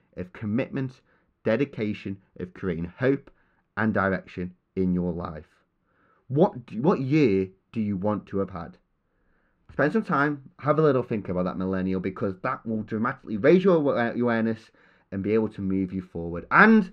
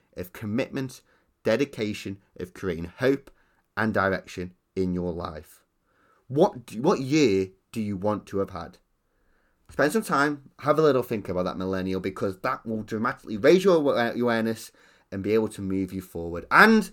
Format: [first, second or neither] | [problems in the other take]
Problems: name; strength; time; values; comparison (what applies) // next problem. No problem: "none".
second | muffled; slightly; fading above 2.5 kHz